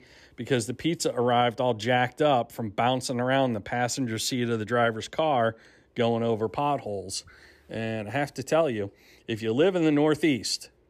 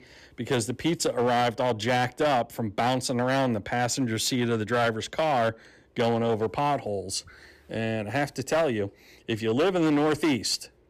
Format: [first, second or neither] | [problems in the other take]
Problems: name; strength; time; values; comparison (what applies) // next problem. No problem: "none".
first | distortion; slight; 10% of the sound clipped